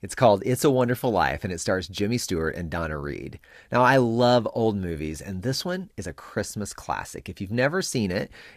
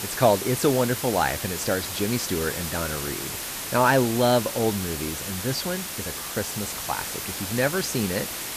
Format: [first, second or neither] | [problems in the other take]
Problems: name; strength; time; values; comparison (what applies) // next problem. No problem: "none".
first | hiss; loud; throughout; 4 dB below the speech